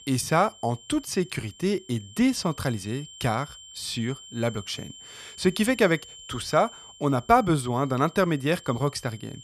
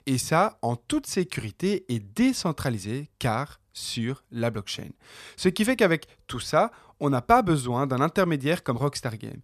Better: second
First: high-pitched whine; noticeable; throughout; 3 kHz, 20 dB below the speech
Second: none

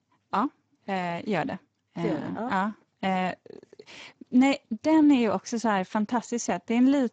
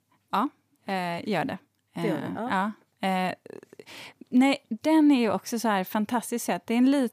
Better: second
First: garbled, watery; badly; nothing above 7.5 kHz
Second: none

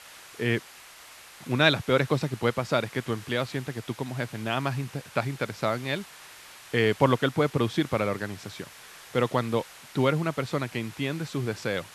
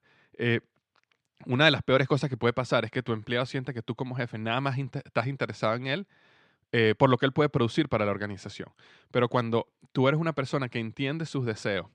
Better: second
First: hiss; noticeable; throughout; 20 dB below the speech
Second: none

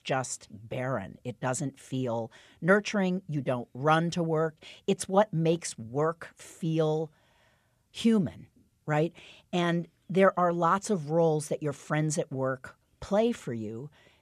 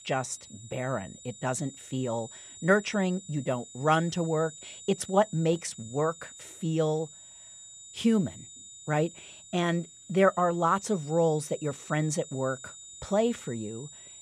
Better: first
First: none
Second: high-pitched whine; noticeable; throughout; 7 kHz, 15 dB below the speech

